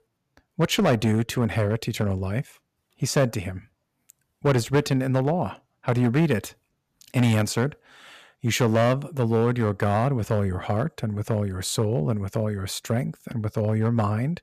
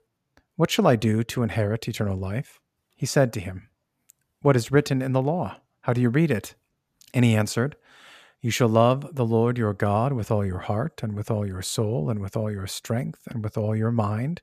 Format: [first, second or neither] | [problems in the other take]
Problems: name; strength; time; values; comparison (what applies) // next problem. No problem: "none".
second | distortion; slight; 3% of the sound clipped